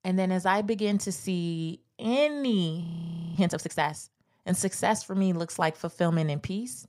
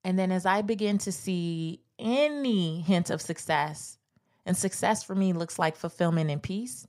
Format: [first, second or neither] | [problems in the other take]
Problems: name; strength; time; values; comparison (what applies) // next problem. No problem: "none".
second | audio freezing; at 3 s for 0.5 s